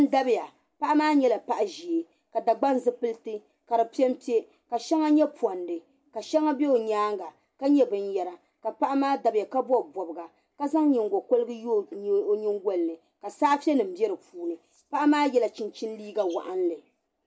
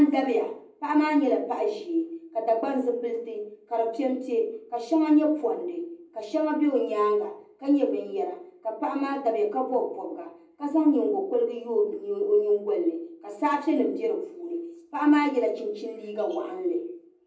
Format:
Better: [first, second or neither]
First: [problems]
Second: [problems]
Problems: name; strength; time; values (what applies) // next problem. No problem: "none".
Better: first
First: none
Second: room echo; dies away in 0.6 s